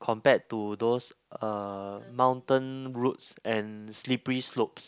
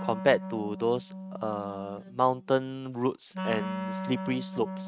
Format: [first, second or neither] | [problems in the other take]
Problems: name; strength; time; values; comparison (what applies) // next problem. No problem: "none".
first | noise reduction (neural mask model RNNoise)